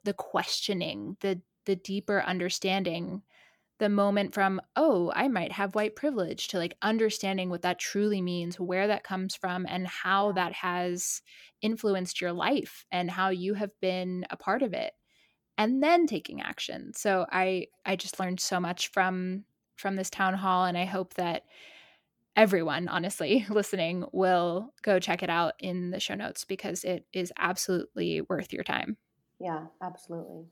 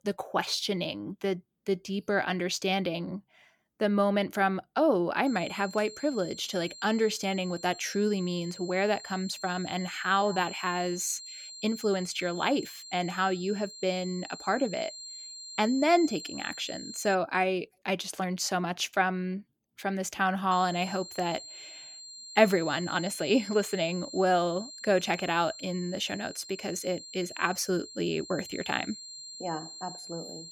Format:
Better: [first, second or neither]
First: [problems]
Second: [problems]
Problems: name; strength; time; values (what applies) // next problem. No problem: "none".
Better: first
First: none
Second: high-pitched whine; noticeable; from 5.5 to 17 s and from 21 s on; 4 kHz, 15 dB below the speech